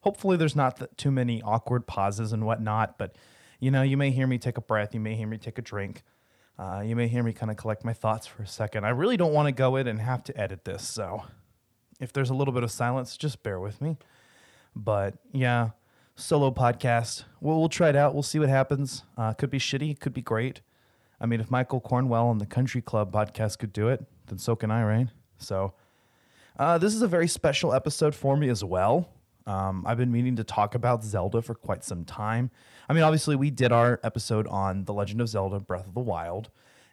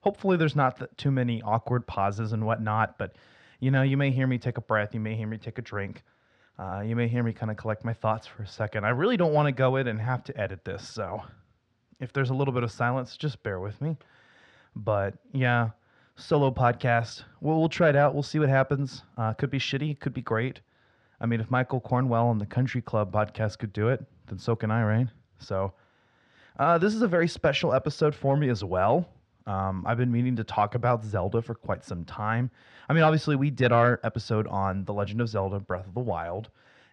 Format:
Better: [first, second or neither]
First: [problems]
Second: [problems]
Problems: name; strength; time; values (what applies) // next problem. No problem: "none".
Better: first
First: none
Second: muffled; very slightly; fading above 4.5 kHz